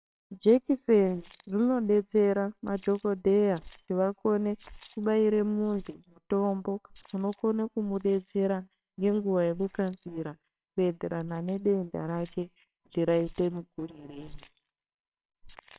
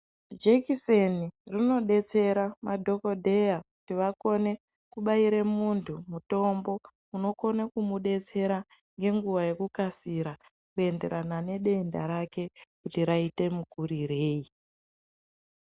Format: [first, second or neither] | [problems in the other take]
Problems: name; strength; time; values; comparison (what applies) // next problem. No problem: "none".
second | noise reduction (neural separator model SepFormer WHAMR!)